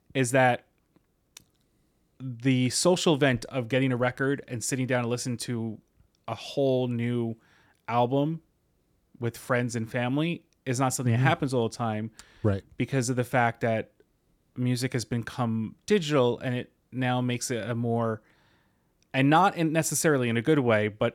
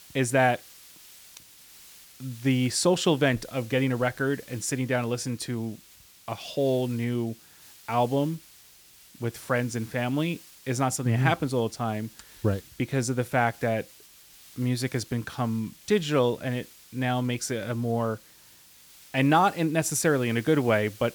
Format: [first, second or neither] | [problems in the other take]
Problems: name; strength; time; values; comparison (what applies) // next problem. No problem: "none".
first | hiss; faint; throughout; 20 dB below the speech